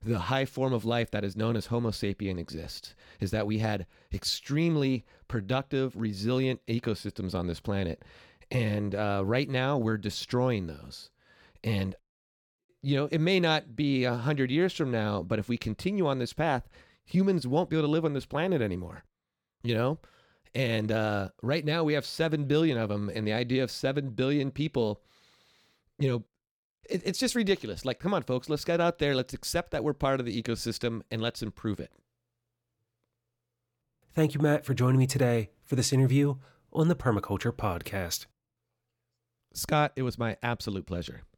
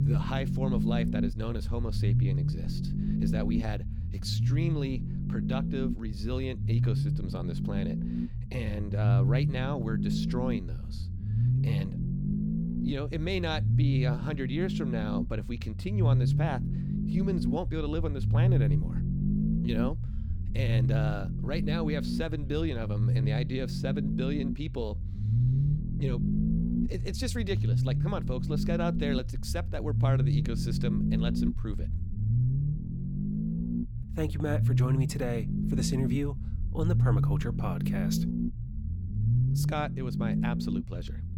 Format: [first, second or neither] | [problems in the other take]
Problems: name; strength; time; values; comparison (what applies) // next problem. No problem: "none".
first | low rumble; loud; throughout; 2 dB below the speech